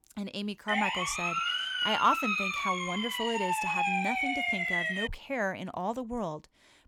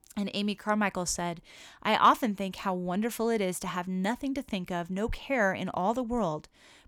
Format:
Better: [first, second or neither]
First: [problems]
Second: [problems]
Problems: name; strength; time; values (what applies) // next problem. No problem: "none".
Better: second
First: siren; loud; from 0.5 to 5 s; peak 6 dB above the speech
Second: none